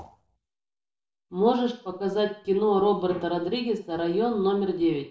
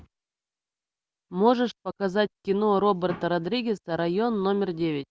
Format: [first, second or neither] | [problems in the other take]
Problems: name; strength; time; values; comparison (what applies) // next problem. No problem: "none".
second | room echo; dies away in 0.4 s